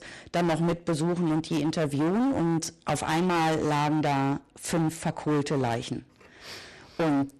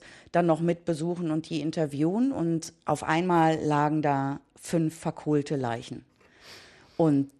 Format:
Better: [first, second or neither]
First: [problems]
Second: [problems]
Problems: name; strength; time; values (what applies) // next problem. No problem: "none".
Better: second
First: distortion; heavy; 26% of the sound clipped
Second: none